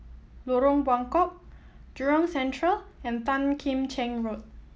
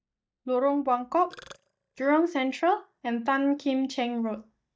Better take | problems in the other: first | noise reduction (neural mask model DeepFilterNet 3)

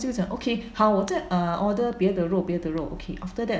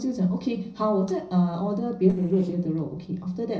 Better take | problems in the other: first | noise reduction (neural separator model SepFormer DNS4)

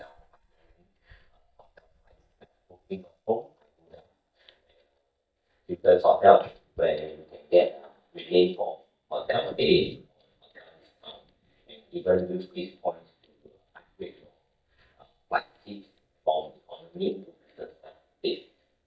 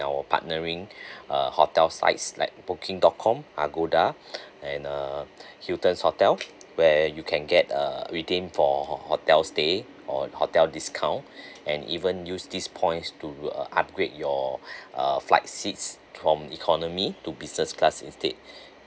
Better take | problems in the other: second | noise reduction (neural mask model DeepFilterNet 3)

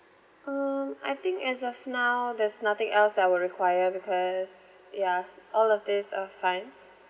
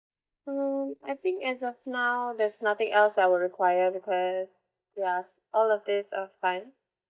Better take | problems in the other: first | noise reduction (neural mask model DeepFilterNet 3)

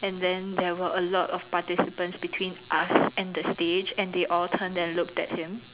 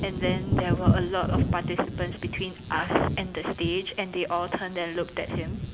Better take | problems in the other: first | background sound (Thunder / Wind); as loud as the speech

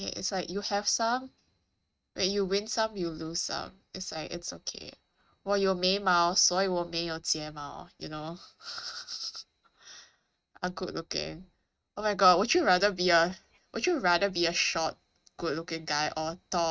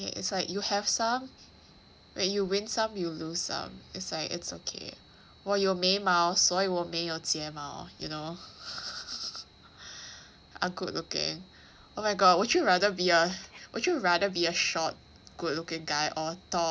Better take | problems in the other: second | noise reduction (neural mask model RNNoise)

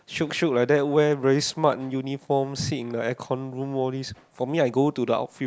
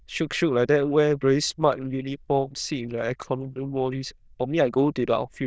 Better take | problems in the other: first | noise reduction (neural diffusion model UNIVERSE++)

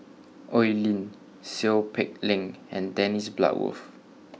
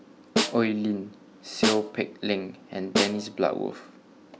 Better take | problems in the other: first | background sound (Snare drum); 2 dB below the speech

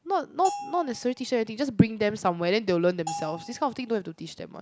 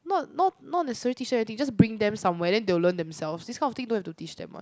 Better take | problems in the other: second | background sound (Bell); 12 dB below the speech

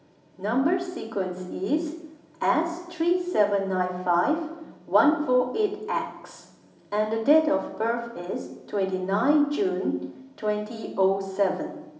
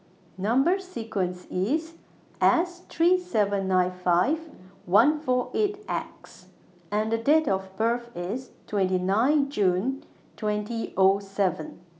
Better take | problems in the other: second | room echo; dies away in 0.8 s

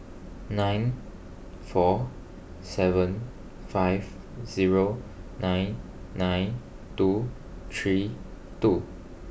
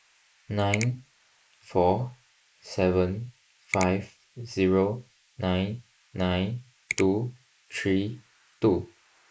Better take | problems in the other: first | noise reduction (neural mask model Resemble Enhance denoiser)

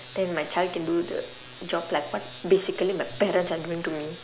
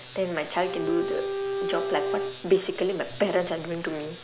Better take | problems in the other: first | background sound (Bowed string instrument); 2 dB below the speech

